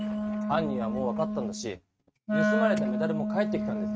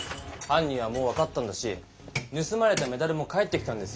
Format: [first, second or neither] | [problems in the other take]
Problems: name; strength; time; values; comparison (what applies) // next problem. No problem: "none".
second | noise reduction (neural mask model RNNoise)